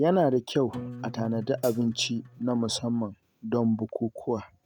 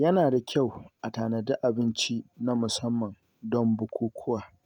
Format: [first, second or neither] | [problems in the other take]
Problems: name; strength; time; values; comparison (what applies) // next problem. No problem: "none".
second | background sound (Acoustic guitar + Hi-hat); 14 dB below the speech